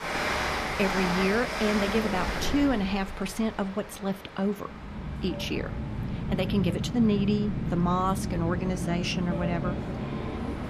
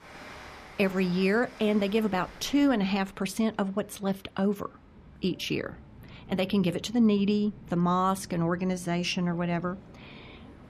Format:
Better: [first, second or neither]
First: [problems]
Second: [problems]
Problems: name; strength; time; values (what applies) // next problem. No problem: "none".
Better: second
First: train or aircraft noise; loud; throughout; 3 dB below the speech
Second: train or aircraft noise; faint; throughout; 20 dB below the speech